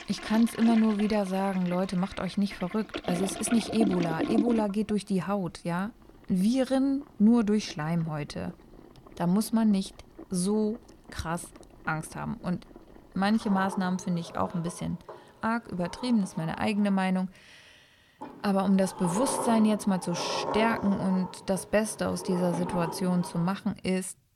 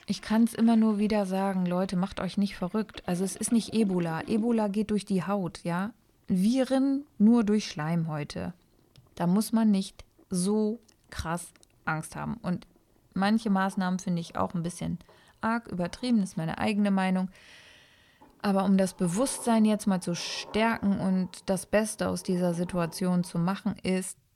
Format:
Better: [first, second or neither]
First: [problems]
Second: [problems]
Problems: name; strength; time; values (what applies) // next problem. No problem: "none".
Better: second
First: household noises; loud; throughout; 9 dB below the speech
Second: household noises; faint; throughout; 25 dB below the speech